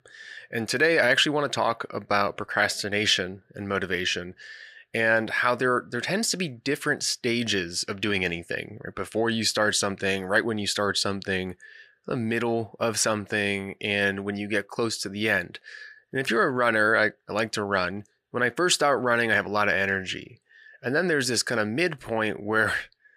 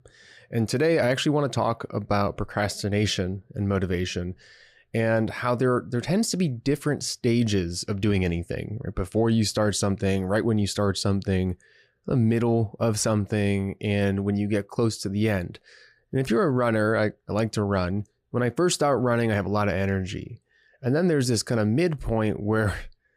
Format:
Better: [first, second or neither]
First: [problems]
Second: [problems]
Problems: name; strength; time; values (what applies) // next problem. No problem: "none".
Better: second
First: thin; somewhat; fading below 500 Hz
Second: none